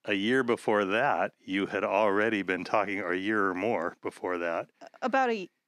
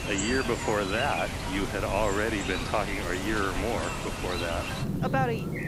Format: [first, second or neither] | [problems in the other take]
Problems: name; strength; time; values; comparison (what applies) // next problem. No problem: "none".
first | animal sounds; loud; throughout; 2 dB below the speech